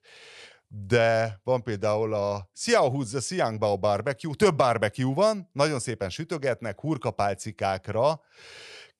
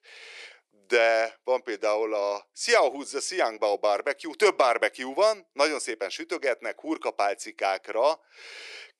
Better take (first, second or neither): first